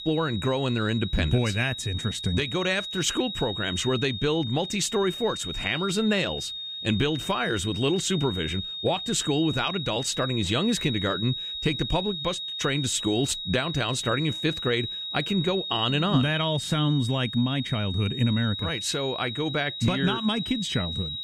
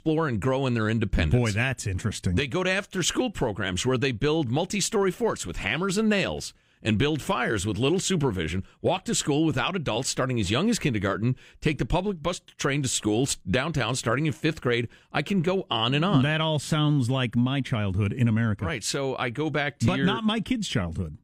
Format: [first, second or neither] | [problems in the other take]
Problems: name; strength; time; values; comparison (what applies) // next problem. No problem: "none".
second | high-pitched whine; loud; throughout; 3.5 kHz, 5 dB below the speech